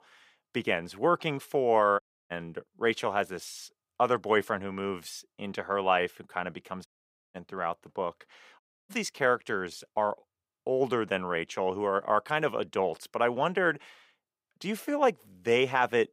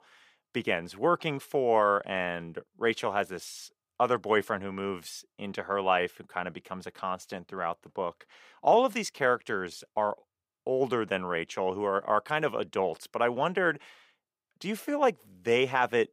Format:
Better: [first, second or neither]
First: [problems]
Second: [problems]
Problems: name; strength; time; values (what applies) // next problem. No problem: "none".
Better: second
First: audio cutting out; at 2 s, at 7 s and at 8.5 s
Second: none